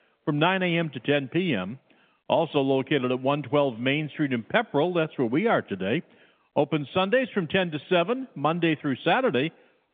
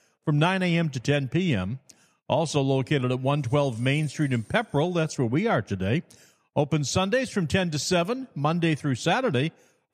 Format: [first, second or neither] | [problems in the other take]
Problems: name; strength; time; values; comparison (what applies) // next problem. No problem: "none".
second | phone-call audio; nothing above 3.5 kHz